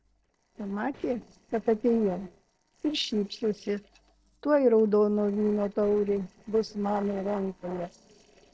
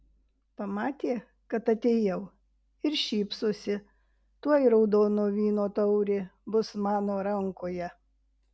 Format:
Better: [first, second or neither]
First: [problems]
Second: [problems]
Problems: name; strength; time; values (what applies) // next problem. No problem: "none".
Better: second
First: noise reduction (neural separator model SepFormer DNS4)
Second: none